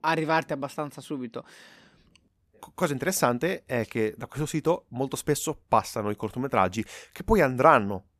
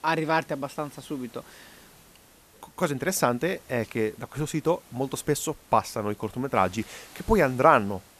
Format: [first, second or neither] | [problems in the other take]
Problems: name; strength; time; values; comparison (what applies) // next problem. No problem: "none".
first | hiss; faint; throughout; 25 dB below the speech